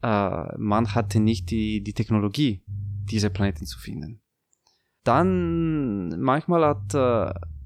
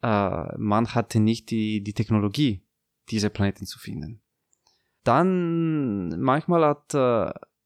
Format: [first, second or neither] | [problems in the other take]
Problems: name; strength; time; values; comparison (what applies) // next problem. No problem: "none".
second | low rumble; faint; until 4 s and from 5 s on; 25 dB below the speech